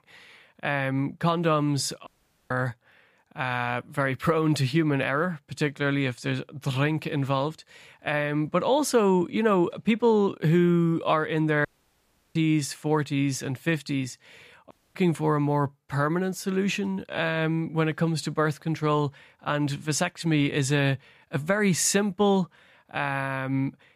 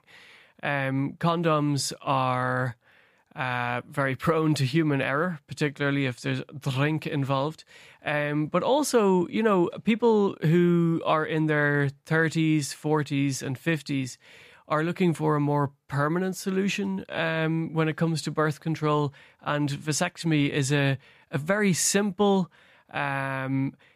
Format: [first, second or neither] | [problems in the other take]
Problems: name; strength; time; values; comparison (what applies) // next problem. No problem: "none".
second | audio cutting out; at 2 s, at 12 s for 0.5 s and at 15 s